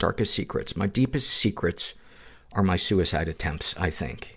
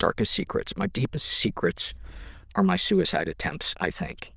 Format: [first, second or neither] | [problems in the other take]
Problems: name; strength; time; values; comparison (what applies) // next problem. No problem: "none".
first | noise reduction (neural diffusion model UNIVERSE++)